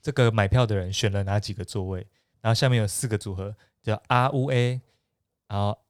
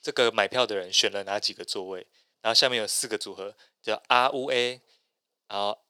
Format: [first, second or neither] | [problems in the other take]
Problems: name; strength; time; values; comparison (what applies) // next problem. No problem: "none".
first | thin; very; fading below 350 Hz